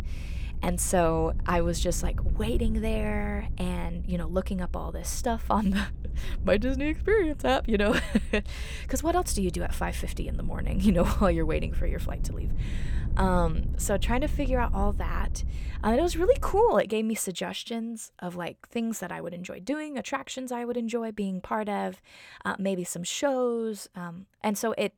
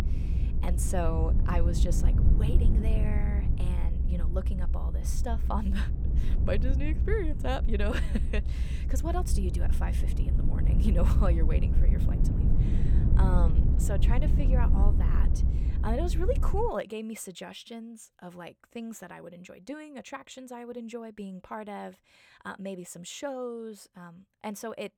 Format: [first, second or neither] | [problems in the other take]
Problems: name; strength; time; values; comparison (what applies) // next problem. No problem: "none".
first | low rumble; loud; until 17 s; 6 dB below the speech; faint in the first